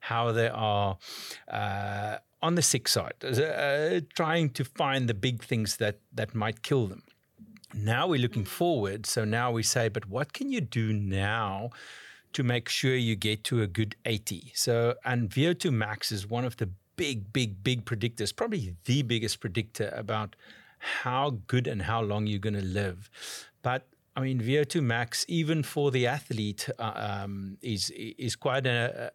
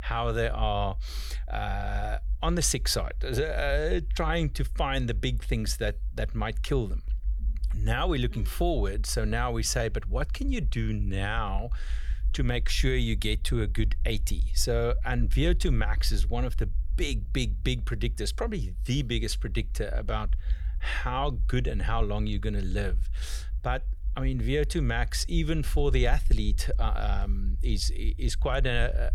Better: first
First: none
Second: low rumble; faint; throughout; 25 dB below the speech

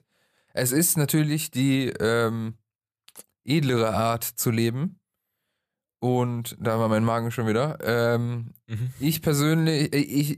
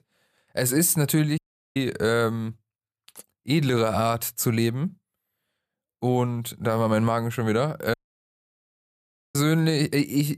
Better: first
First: none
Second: audio cutting out; at 1.5 s and at 8 s for 1.5 s

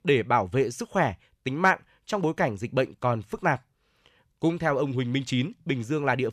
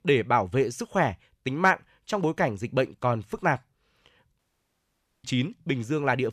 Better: first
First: none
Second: audio cutting out; at 4.5 s for 1 s

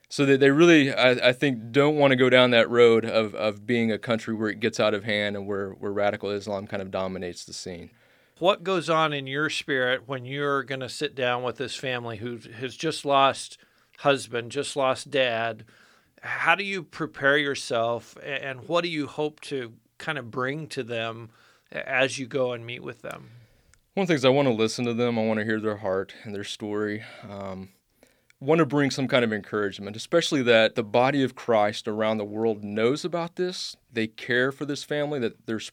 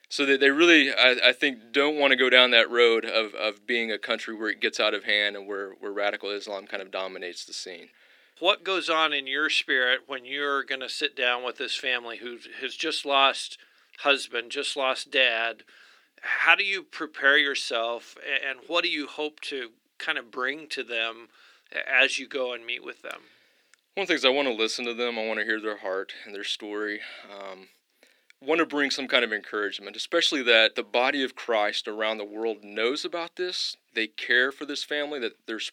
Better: first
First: none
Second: thin; very slightly; fading below 300 Hz

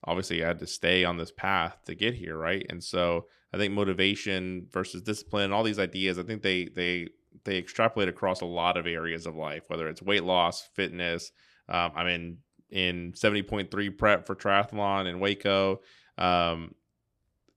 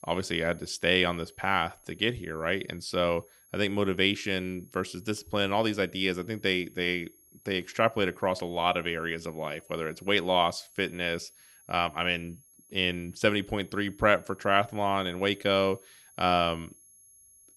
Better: first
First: none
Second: high-pitched whine; faint; throughout; 11 kHz, 25 dB below the speech

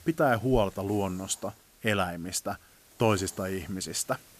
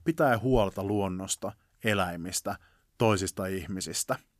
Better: second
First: hiss; faint; throughout; 25 dB below the speech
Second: none

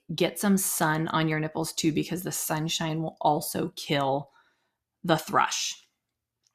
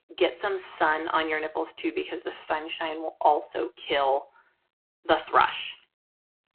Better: first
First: none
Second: phone-call audio; poor line

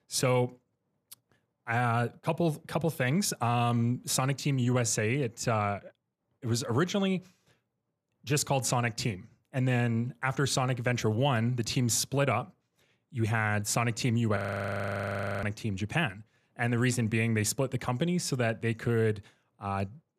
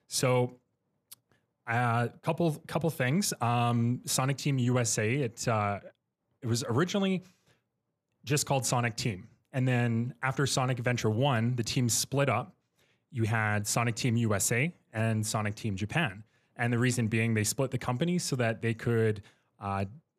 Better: second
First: audio freezing; at 14 s for 1 s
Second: none

